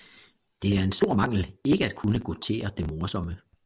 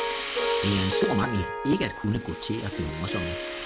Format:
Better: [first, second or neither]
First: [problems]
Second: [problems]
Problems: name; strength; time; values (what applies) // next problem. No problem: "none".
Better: first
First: none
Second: background sound (Harp + Rattle (instrument)); 2 dB below the speech